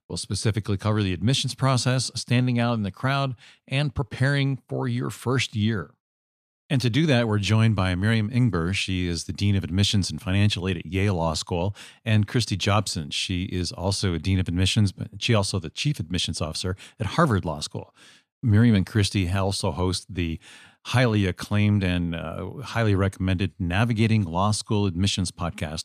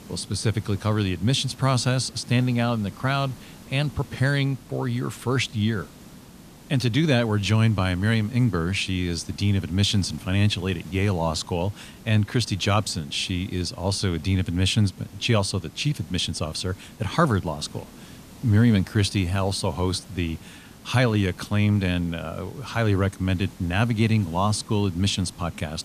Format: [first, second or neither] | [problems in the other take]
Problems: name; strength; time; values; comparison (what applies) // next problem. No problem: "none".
first | hiss; faint; throughout; 20 dB below the speech